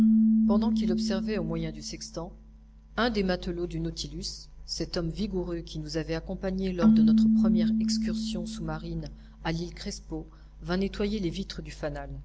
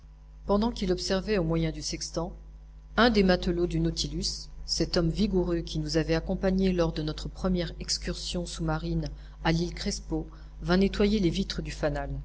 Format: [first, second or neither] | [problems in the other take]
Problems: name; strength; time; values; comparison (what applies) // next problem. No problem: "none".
second | background sound (Keyboard (musical)); 4 dB above the speech